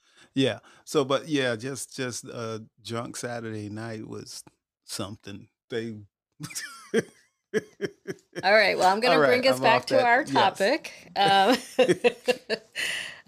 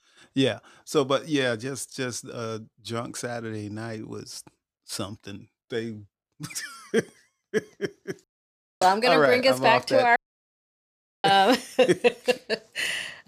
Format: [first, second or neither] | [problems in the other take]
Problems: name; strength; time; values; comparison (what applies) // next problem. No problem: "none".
first | audio cutting out; at 8 s for 0.5 s and at 10 s for 1 s